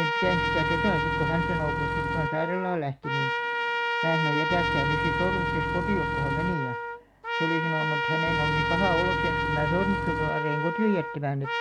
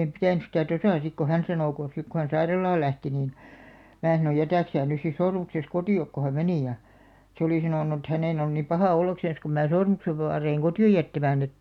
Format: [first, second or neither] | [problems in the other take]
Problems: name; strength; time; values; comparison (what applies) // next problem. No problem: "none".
second | background sound (Trumpet + Engine / Truck / Car); 2 dB above the speech